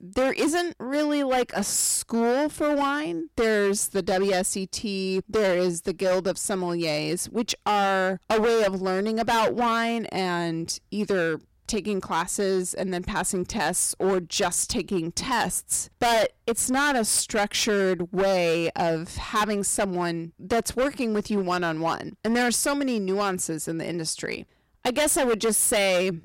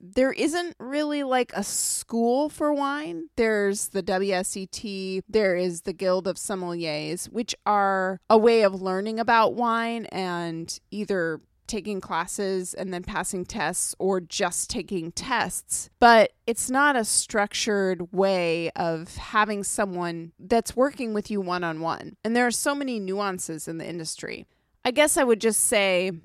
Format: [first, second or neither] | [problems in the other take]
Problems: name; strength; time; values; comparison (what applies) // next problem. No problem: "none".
second | distortion; heavy; 13% of the sound clipped